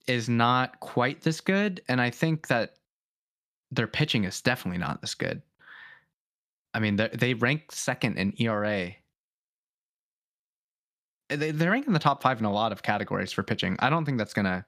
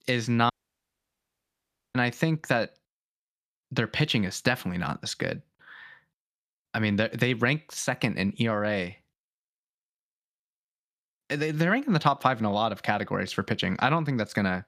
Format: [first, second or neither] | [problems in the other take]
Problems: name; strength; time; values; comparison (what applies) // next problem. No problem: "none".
first | audio cutting out; at 0.5 s for 1.5 s